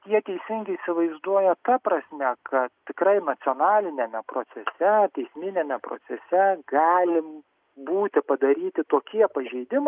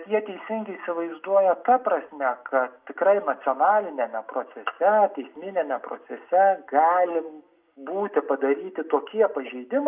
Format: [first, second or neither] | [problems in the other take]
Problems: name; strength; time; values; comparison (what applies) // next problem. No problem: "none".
first | room echo; dies away in 0.3 s